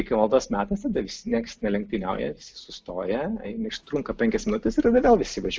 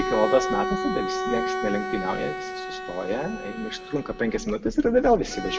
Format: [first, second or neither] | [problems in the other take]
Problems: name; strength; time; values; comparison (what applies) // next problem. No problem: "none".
first | background sound (Bowed string instrument); 5 dB below the speech // room echo; dies away in 1.7 s